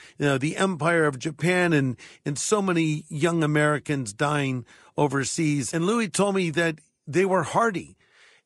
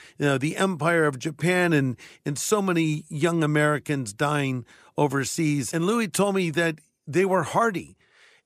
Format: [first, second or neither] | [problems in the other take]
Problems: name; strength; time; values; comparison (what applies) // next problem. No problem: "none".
second | garbled, watery; slightly